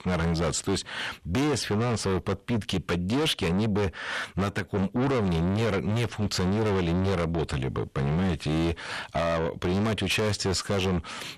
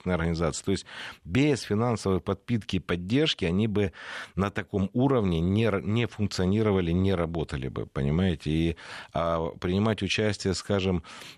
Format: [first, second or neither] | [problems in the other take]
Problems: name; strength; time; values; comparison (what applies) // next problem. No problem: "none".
second | distortion; heavy; 6 dB below the speech